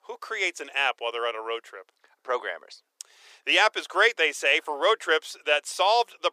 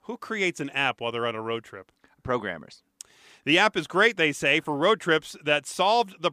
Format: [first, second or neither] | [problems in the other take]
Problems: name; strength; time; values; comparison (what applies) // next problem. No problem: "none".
second | thin; very; fading below 450 Hz